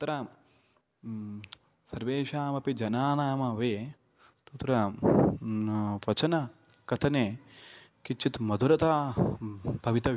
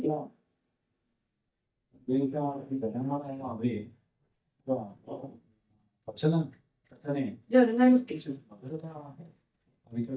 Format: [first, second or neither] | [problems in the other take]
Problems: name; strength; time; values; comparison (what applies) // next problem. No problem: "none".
first | noise reduction (neural mask model DeepFilterNet 3)